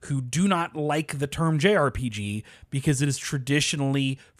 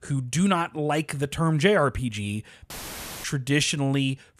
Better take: first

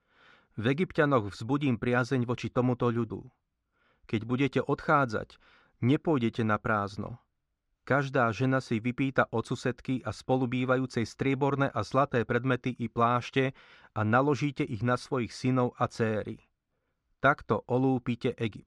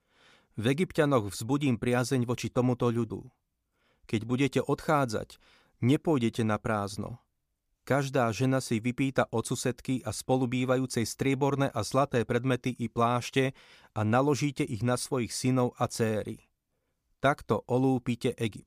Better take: second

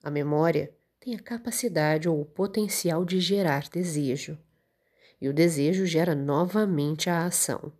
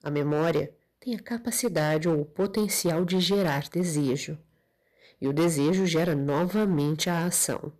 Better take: first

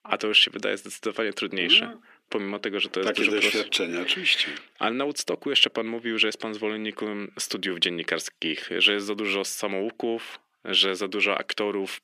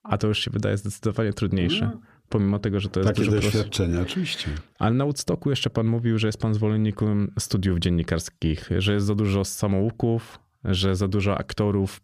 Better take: second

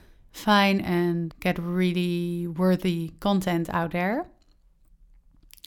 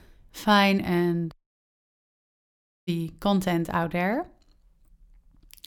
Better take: first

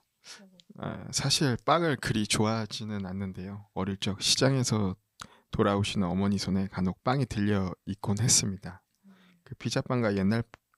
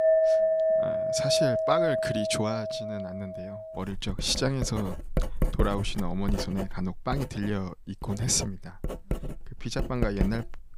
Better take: first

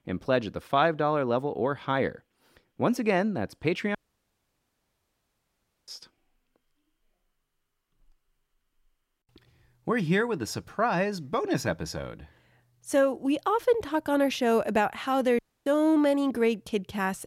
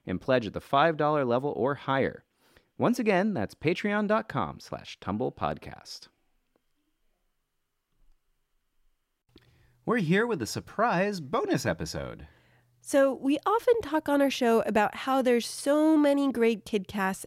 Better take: second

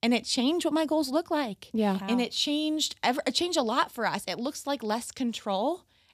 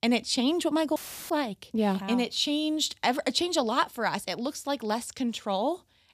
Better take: first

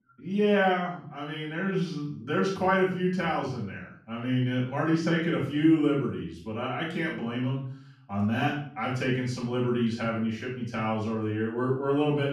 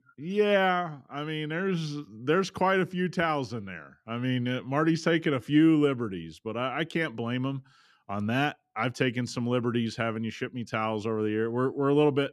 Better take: second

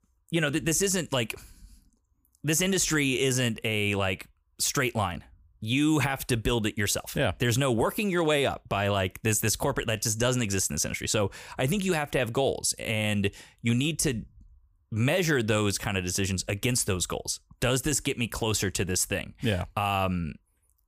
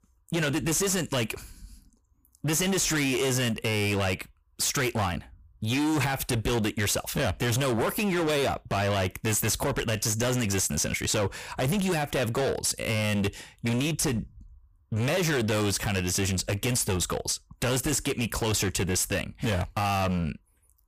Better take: first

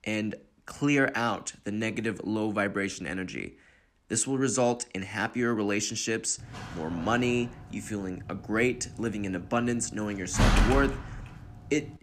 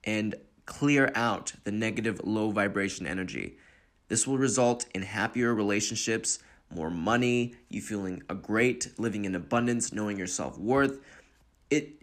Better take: second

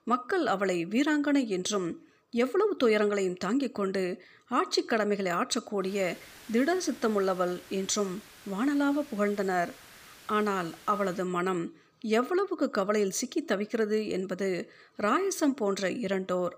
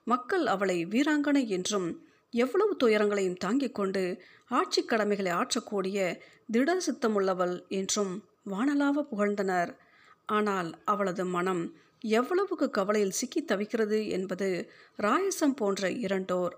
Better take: second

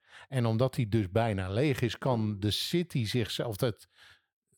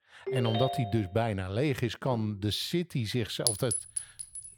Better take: first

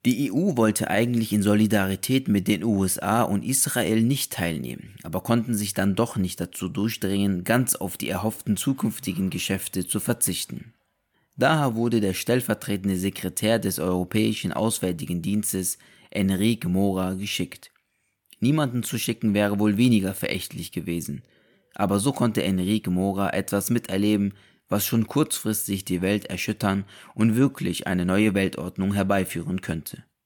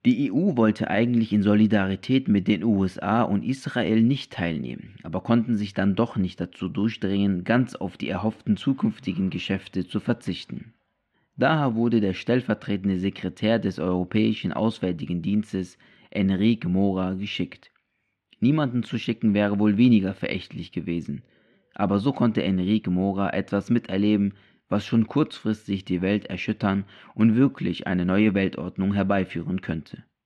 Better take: first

